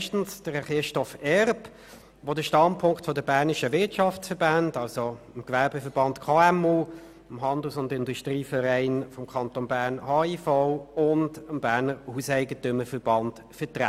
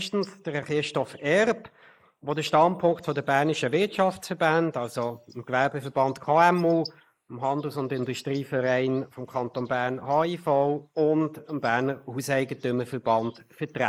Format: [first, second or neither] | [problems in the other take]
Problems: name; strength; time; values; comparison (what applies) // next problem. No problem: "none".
first | noise reduction (neural mask model Resemble Enhance denoiser)